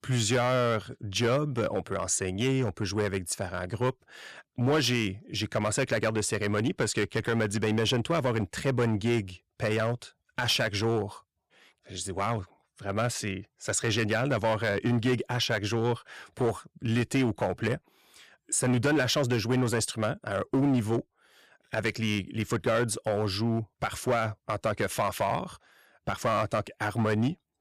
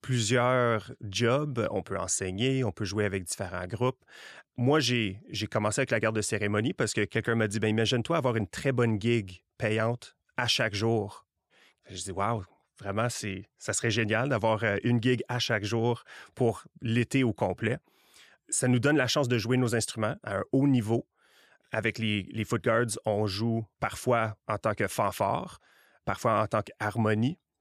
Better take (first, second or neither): second